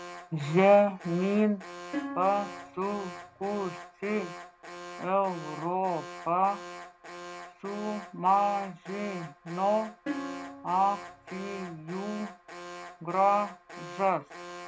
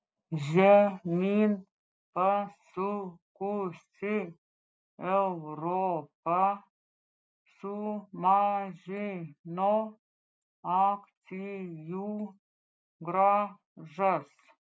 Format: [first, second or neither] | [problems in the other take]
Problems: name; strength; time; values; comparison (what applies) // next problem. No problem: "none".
second | background sound (Alarm + Plucked string instrument); 12 dB below the speech